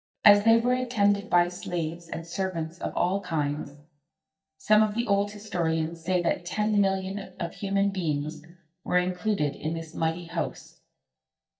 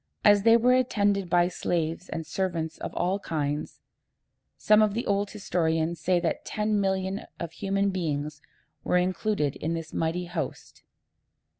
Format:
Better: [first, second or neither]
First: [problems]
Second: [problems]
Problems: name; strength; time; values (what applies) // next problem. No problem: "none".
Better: second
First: noise reduction (neural mask model DeepFilterNet 3)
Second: none